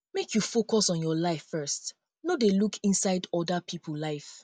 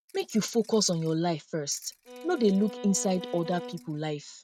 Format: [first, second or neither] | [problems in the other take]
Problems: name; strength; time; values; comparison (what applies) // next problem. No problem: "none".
first | noise reduction (neural mask model RNNoise)